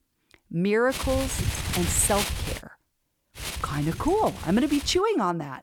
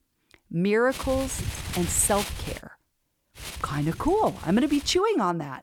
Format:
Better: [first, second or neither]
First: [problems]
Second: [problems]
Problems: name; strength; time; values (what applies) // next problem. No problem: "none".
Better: second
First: wind noise on the microphone; heavy; from 1 to 2.5 s and from 3.5 to 5 s; 8 dB below the speech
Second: wind noise on the microphone; occasional gusts; from 1 to 2.5 s and from 3.5 to 5 s; 10 dB below the speech